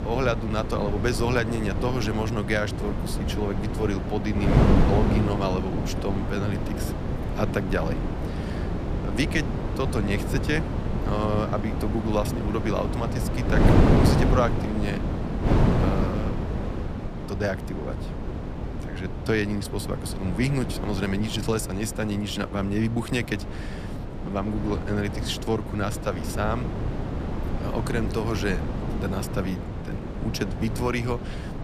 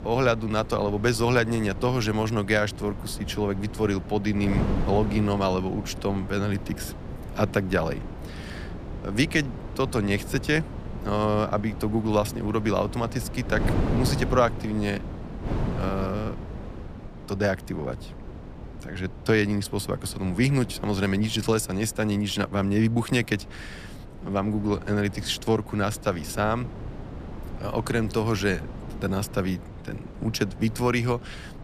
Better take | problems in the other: second | wind noise on the microphone; heavy; 3 dB below the speech; occasional gusts in the second

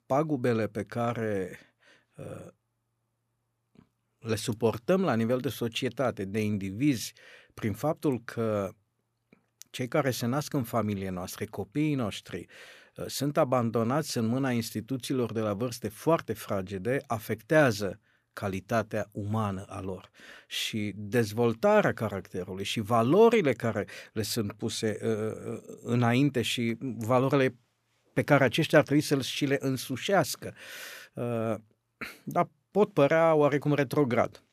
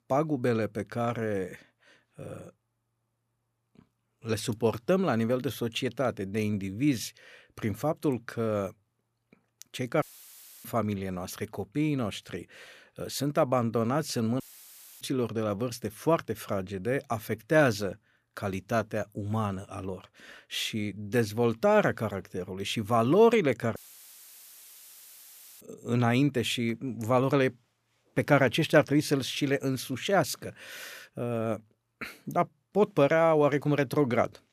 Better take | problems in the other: first | audio cutting out; filled with static; at 10 s for 0.5 s, at 14 s for 0.5 s and at 24 s for 2 s

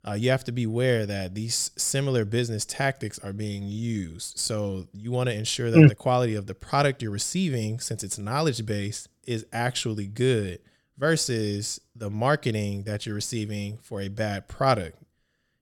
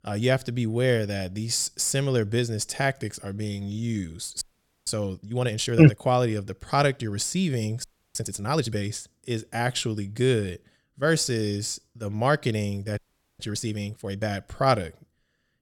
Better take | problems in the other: first | audio freezing; at 4.5 s, at 8 s and at 13 s

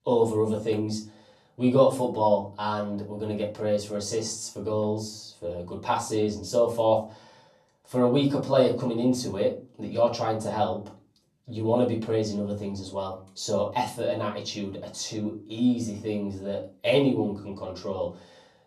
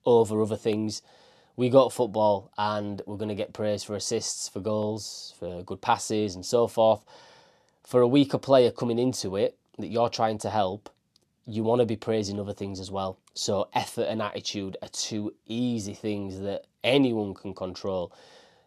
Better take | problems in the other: second | room echo; slight; dies away in 0.3 s // off-mic speech; far

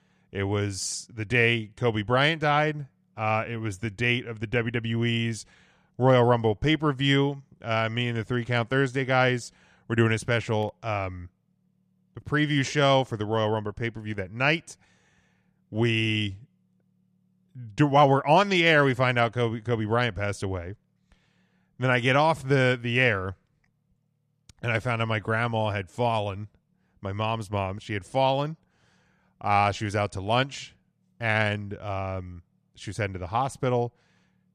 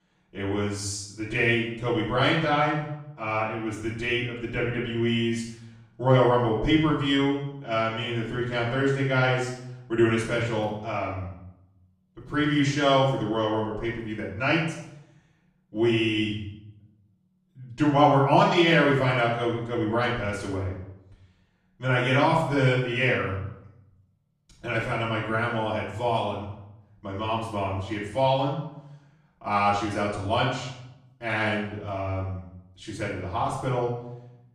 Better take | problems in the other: first | off-mic speech; far // room echo; noticeable; dies away in 0.7 s

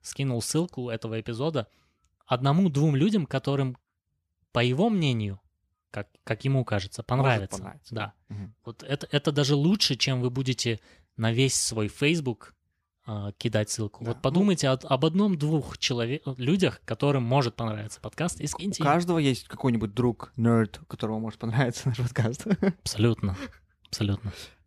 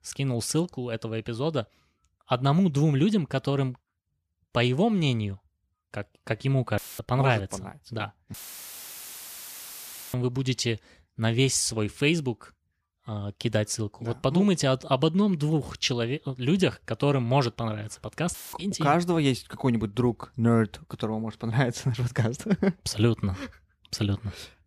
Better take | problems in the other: first | audio cutting out; filled with static; at 7 s, at 8.5 s for 2 s and at 18 s

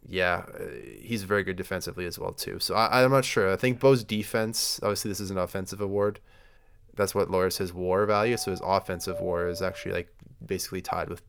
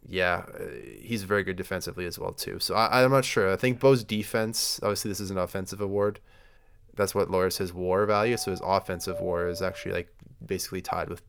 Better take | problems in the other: neither | doorbell; noticeable; from 8 to 10 s; peak 8 dB below the speech; the same in both

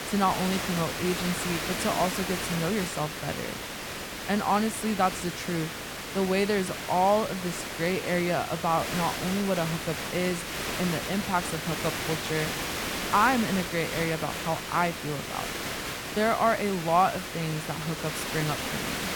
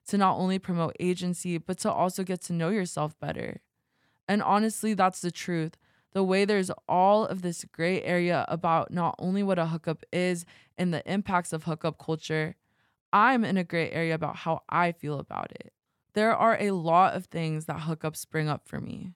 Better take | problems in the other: second | hiss; loud; throughout; 4 dB below the speech

